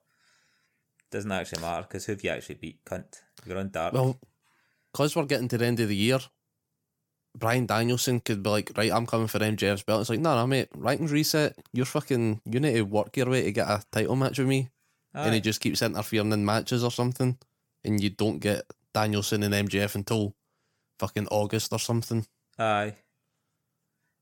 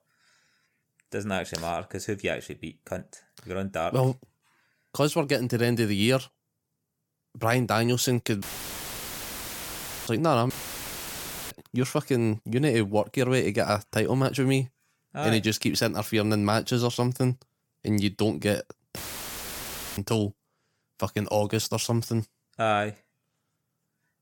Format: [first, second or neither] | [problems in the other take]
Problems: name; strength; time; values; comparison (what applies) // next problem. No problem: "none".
first | audio cutting out; filled with static; at 8.5 s for 1.5 s, at 11 s for 1 s and at 19 s for 1 s